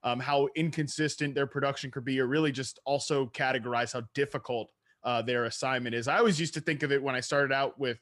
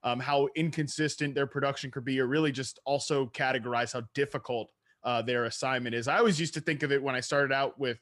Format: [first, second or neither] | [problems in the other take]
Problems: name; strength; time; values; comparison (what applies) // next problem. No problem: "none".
neither | none